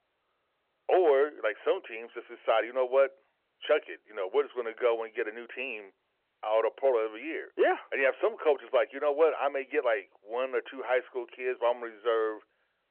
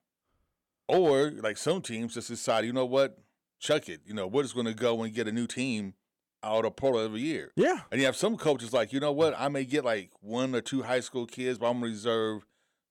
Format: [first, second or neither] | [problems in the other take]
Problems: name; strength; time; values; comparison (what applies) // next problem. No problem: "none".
second | phone-call audio